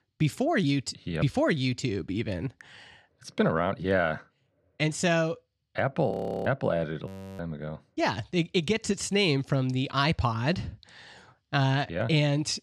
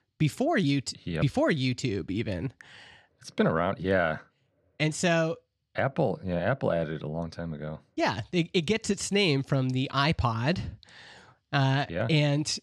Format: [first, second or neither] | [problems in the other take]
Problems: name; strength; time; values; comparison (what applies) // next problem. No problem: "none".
second | audio freezing; at 6 s and at 7 s